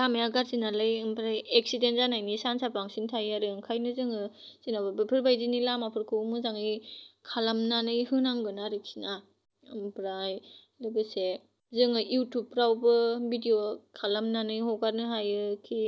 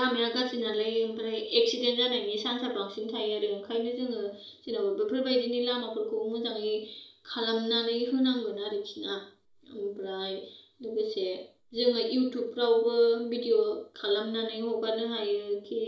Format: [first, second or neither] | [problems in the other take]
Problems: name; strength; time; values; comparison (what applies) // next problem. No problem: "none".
first | room echo; dies away in 0.4 s